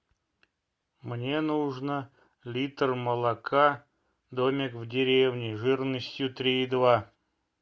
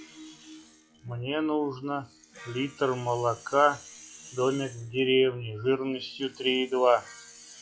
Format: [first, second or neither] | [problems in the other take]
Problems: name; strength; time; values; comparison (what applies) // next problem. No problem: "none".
first | noise reduction (classical method log-MMSE)